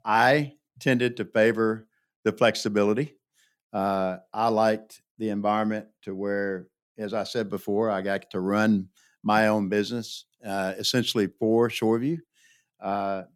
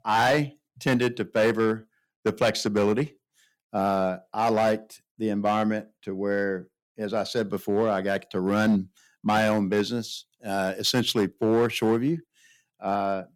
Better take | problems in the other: first | distortion; slight; 5% of the sound clipped

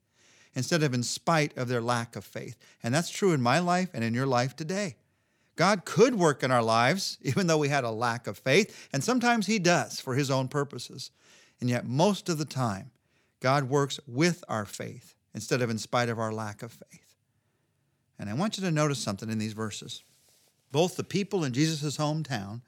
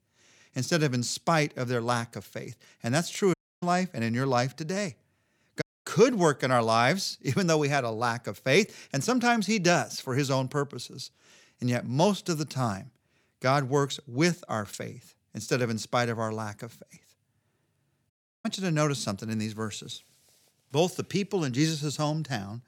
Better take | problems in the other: first | audio cutting out; at 3.5 s, at 5.5 s and at 18 s

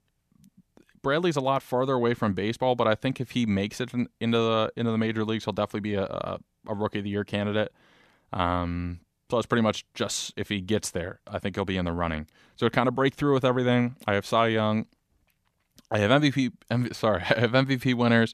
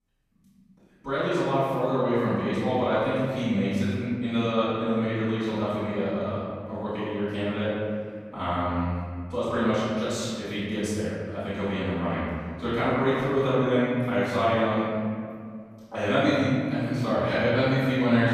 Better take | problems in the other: first | room echo; strong; dies away in 2.1 s // off-mic speech; far

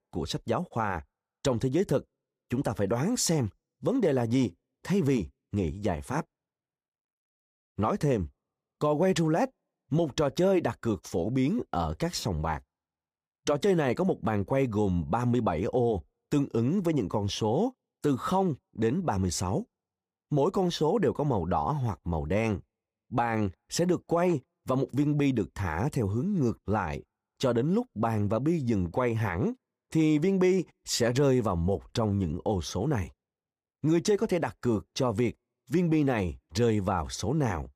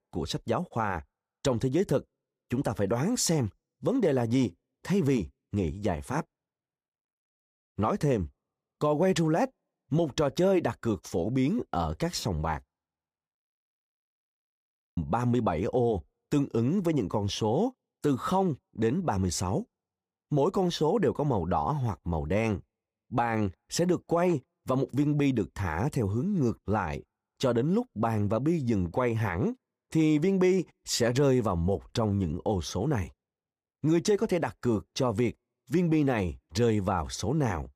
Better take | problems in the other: first | audio freezing; at 13 s for 1.5 s

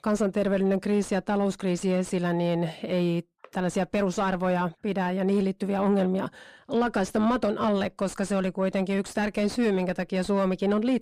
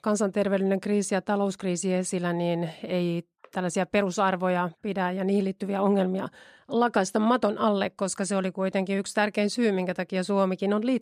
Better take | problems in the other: second | distortion; slight; 9 dB below the speech

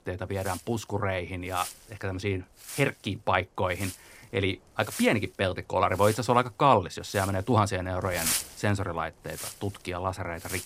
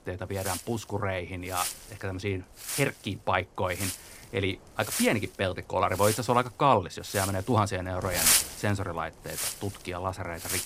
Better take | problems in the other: first | wind noise on the microphone; heavy; 3 dB below the speech; occasional gusts in the first

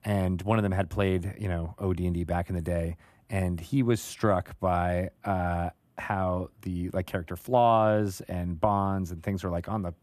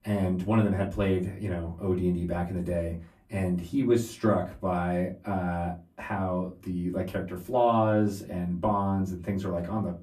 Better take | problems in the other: first | off-mic speech; far // room echo; very slight; dies away in 0.2 s

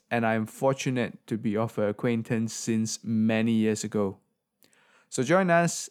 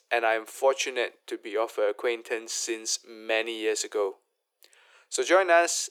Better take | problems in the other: first | thin; very; fading below 350 Hz

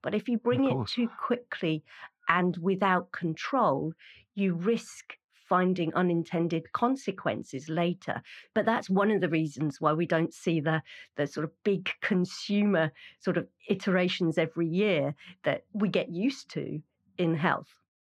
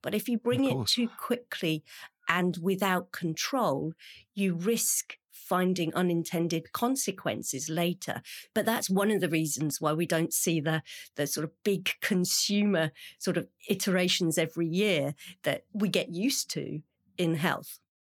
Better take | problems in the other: second | muffled; very; fading above 2.5 kHz

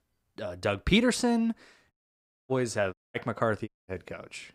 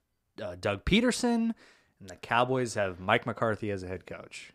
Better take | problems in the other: second | audio cutting out; at 2 s for 0.5 s, at 3 s and at 3.5 s

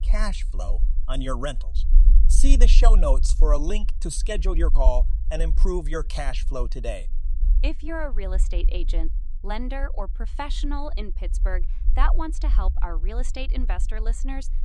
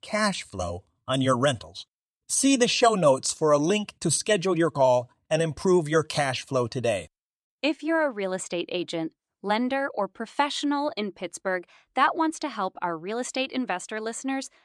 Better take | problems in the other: second | low rumble; noticeable; throughout; 20 dB below the speech

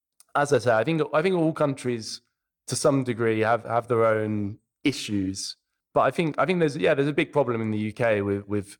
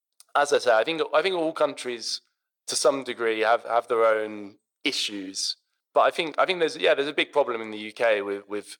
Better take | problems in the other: first | thin; somewhat; fading below 500 Hz

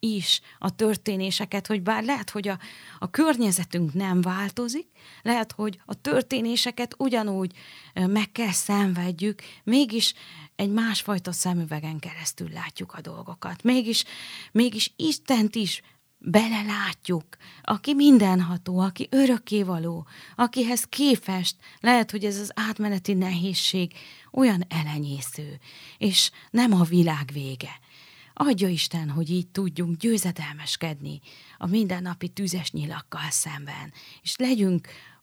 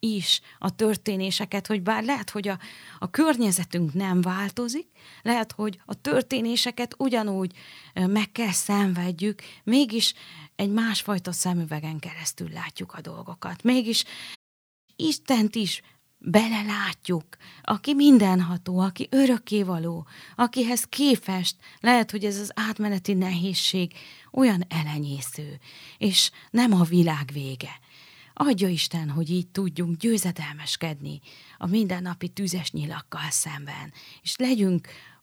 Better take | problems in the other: first | audio cutting out; at 14 s for 0.5 s

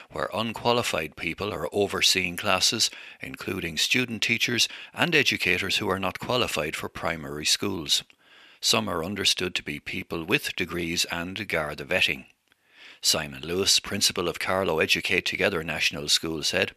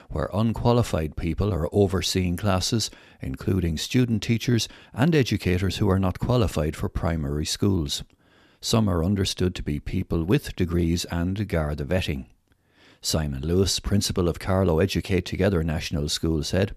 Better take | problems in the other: second | thin; somewhat; fading below 850 Hz

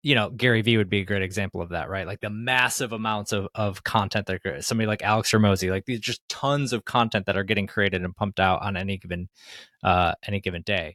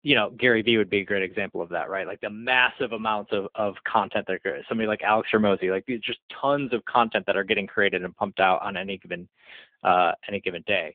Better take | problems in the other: first | phone-call audio; nothing above 3.5 kHz

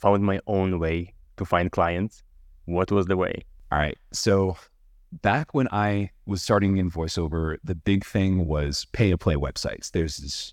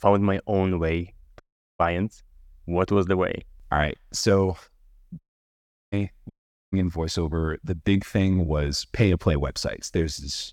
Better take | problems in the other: first | audio cutting out; at 1.5 s, at 5 s for 0.5 s and at 6.5 s

